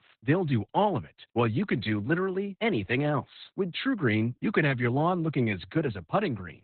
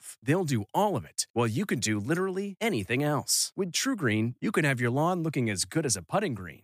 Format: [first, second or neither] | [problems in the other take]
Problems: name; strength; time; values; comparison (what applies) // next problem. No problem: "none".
second | garbled, watery; badly; nothing above 4 kHz